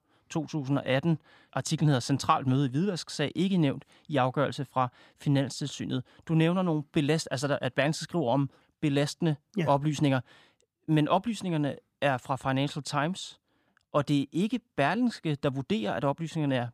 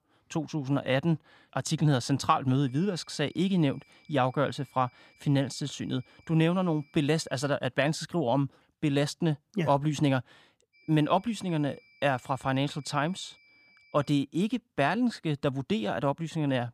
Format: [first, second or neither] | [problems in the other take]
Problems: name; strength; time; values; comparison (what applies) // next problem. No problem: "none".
first | high-pitched whine; faint; from 2.5 to 7.5 s and from 11 to 14 s; 2.5 kHz, 30 dB below the speech